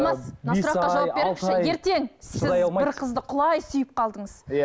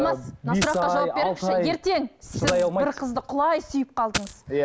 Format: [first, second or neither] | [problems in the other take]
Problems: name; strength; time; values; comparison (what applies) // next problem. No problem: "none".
first | background sound (Coin (dropping)); 7 dB below the speech